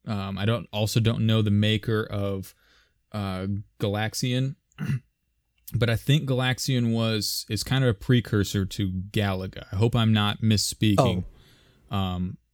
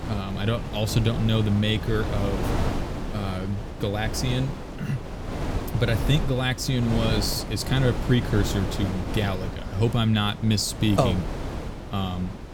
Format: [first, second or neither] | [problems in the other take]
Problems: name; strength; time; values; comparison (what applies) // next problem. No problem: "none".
first | wind noise on the microphone; heavy; 6 dB below the speech